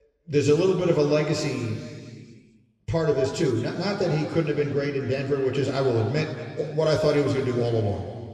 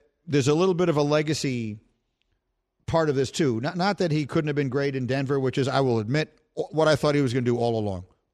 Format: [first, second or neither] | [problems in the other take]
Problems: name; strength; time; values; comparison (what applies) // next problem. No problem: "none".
second | room echo; noticeable; dies away in 2.2 s // off-mic speech; somewhat distant